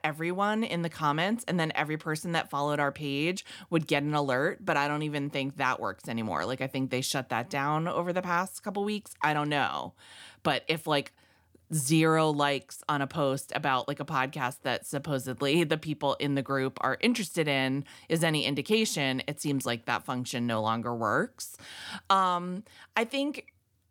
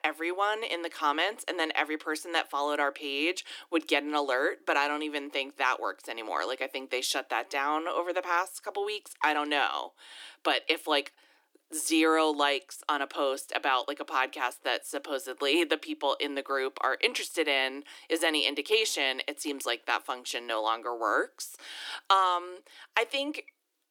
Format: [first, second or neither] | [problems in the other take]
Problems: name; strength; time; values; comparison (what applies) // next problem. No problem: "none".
first | thin; somewhat; fading below 300 Hz